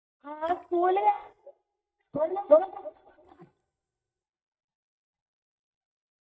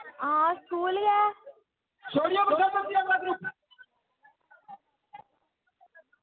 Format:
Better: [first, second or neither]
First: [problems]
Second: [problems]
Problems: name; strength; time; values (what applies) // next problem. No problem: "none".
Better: second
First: noise reduction (neural mask model DeepFilterNet 3)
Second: none